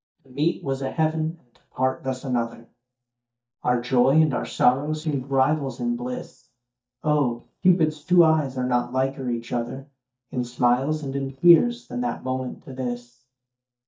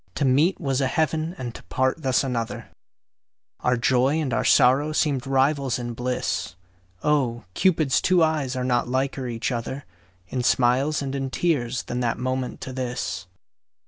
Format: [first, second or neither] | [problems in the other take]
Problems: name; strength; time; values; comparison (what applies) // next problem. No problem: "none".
second | noise reduction (neural mask model DeepFilterNet 3)